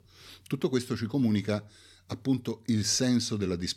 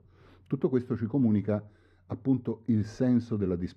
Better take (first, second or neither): first